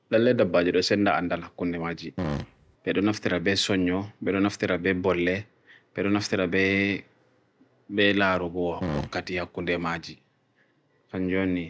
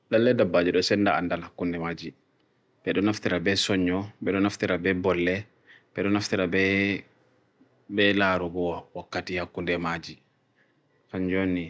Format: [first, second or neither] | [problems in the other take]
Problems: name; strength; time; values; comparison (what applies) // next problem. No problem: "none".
second | background sound (Fart); 5 dB below the speech